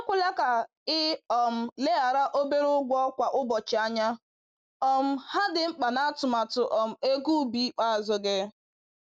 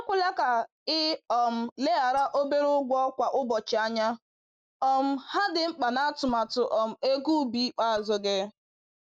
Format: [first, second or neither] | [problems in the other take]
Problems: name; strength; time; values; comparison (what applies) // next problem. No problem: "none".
first | noise reduction (neural mask model DeepFilterNet 3)